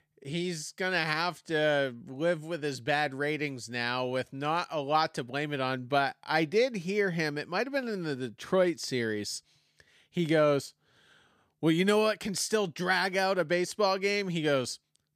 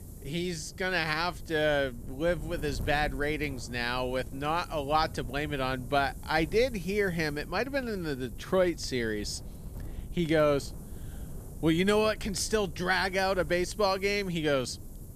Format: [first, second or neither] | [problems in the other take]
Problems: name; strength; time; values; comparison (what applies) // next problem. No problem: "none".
first | wind noise on the microphone; occasional gusts; 25 dB below the speech